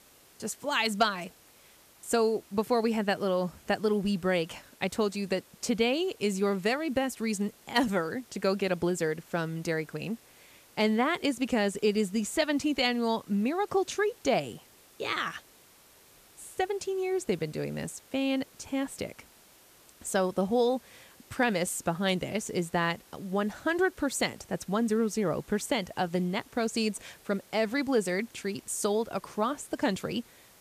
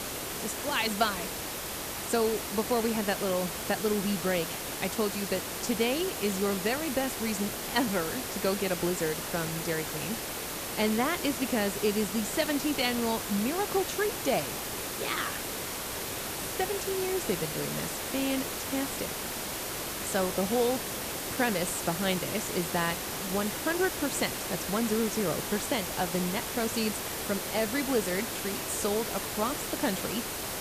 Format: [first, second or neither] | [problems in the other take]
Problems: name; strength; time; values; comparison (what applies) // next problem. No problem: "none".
first | hiss; loud; throughout; 2 dB below the speech; faint in the first